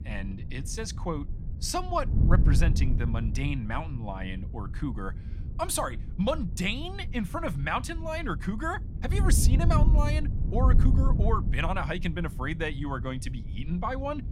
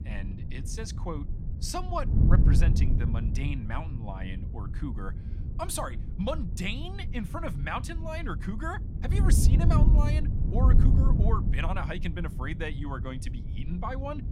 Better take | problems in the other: first | wind noise on the microphone; heavy; 6 dB below the speech; occasional gusts in the first

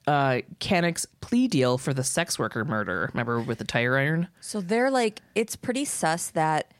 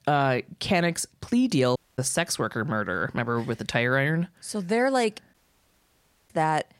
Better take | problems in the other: first | audio cutting out; at 2 s and at 5.5 s for 1 s

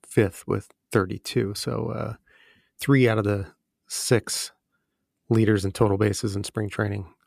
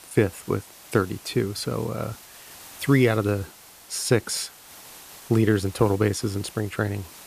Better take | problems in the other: first | hiss; noticeable; throughout; 20 dB below the speech

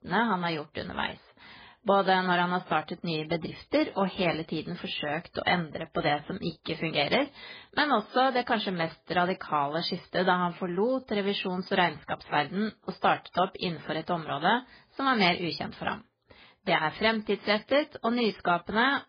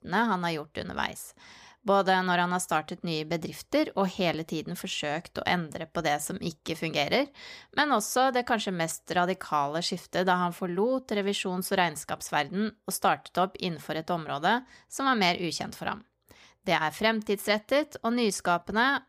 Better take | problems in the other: second | garbled, watery; badly; nothing above 5 kHz

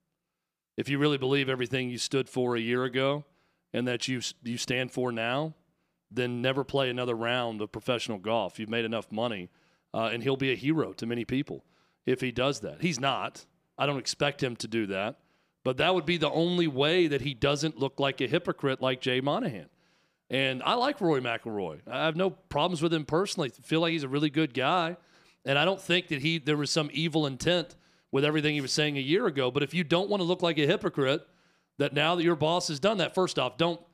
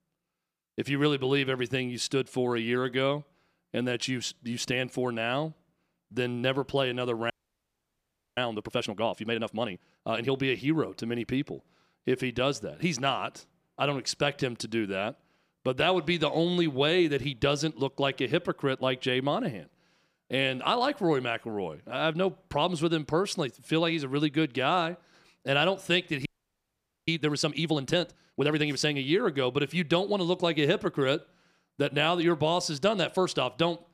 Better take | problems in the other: first | audio freezing; at 7.5 s for 1 s and at 26 s for 1 s

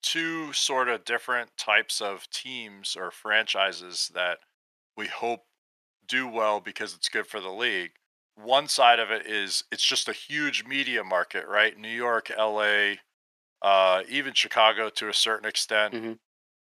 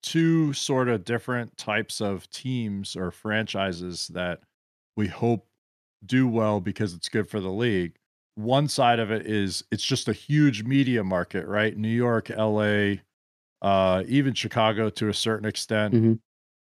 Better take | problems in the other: second | thin; very; fading below 800 Hz

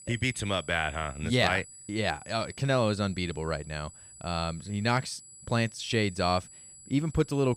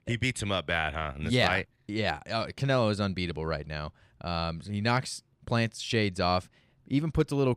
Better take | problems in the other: second | high-pitched whine; noticeable; throughout; 8 kHz, 20 dB below the speech

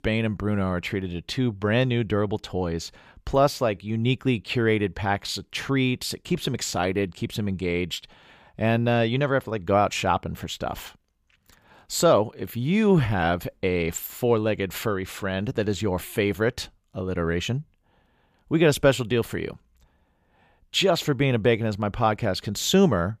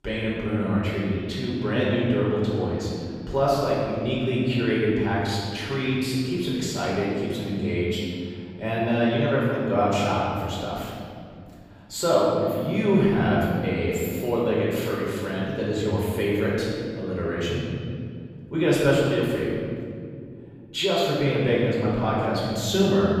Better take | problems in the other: first | off-mic speech; far // room echo; strong; dies away in 2.3 s

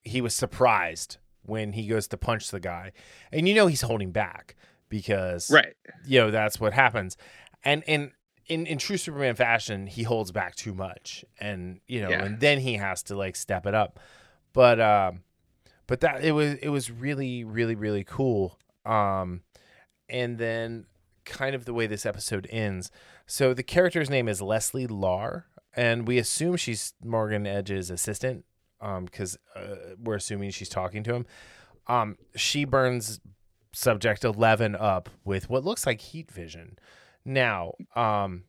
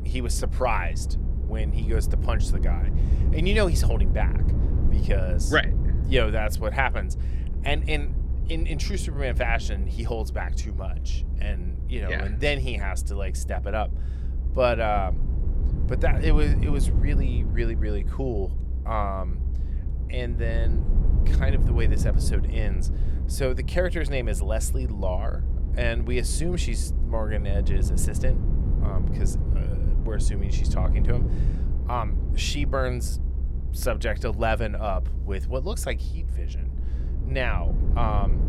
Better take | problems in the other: first | low rumble; noticeable; throughout; 10 dB below the speech

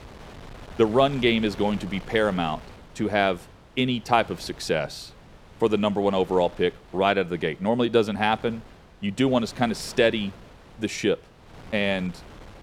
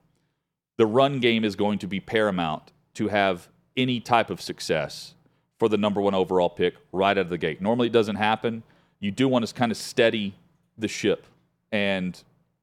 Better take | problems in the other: second | wind noise on the microphone; occasional gusts; 20 dB below the speech

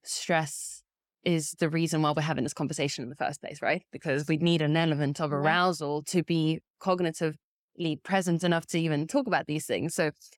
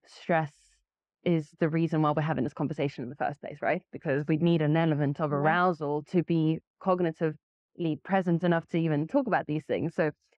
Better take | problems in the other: first | muffled; very; fading above 1.5 kHz

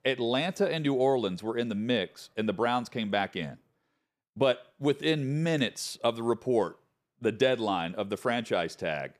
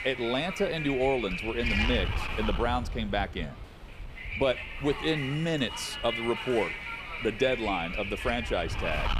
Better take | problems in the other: first | wind noise on the microphone; heavy; 3 dB below the speech

